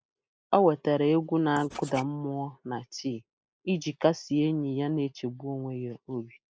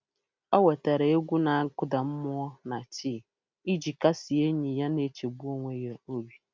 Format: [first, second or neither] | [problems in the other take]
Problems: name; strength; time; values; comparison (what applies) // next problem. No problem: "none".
second | noise reduction (neural mask model Resemble Enhance denoiser)